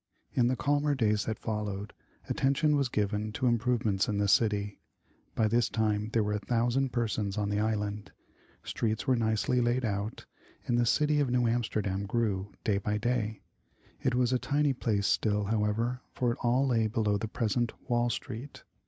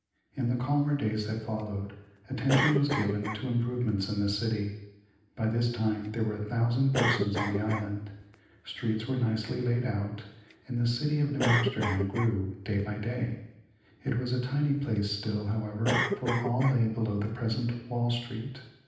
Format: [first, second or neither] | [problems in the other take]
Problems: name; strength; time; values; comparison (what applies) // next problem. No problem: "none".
first | background sound (Cough); 8 dB below the speech // room echo; dies away in 0.9 s